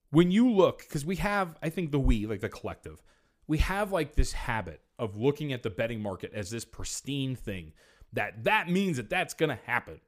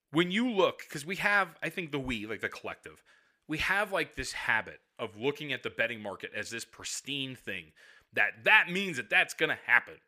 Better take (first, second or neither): first